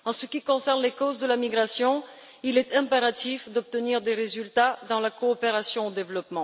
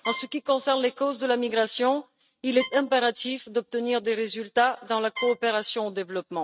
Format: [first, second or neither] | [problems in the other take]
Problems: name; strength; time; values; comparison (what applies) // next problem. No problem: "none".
first | noise reduction (neural mask model RNNoise)